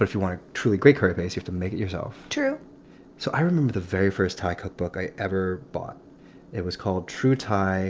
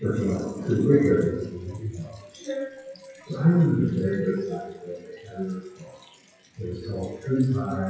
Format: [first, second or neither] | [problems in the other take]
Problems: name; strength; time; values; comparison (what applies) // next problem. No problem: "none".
first | noise reduction (classical method WPE with log-MMSE)